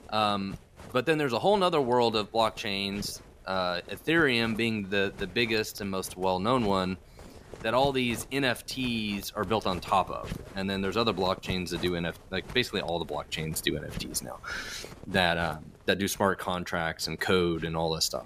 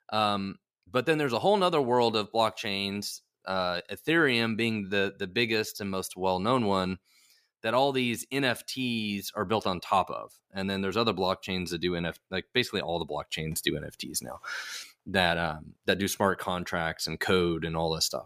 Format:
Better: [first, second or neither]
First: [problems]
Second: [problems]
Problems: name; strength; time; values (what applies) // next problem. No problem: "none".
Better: second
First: wind noise on the microphone; occasional gusts; 20 dB below the speech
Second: none